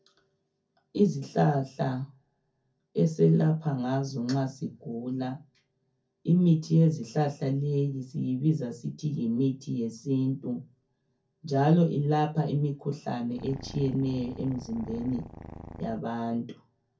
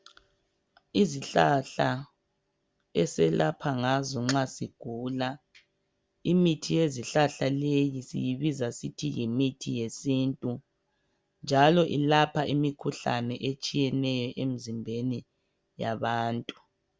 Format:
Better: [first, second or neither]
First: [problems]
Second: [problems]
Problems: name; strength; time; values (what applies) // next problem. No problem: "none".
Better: second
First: background sound (Purr); 14 dB below the speech // room echo; dies away in 0.3 s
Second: none